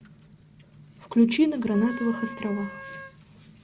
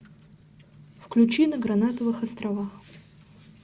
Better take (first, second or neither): second